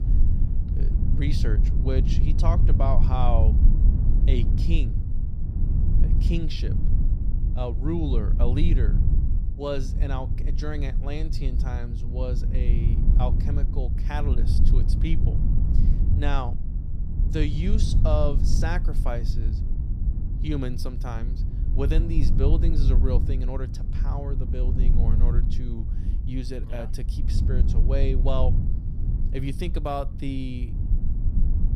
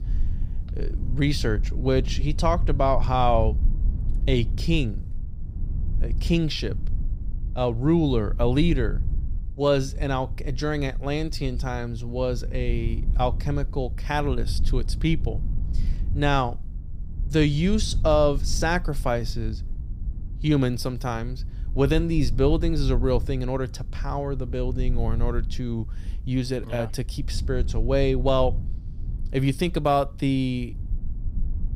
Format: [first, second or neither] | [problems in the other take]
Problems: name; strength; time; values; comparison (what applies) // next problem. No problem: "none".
second | low rumble; loud; throughout; 7 dB below the speech; faint in the second